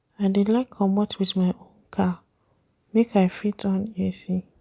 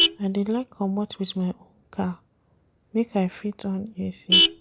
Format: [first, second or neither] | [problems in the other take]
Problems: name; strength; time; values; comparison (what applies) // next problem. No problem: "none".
first | background sound (Vehicle horn, car horn, honking); as loud as the speech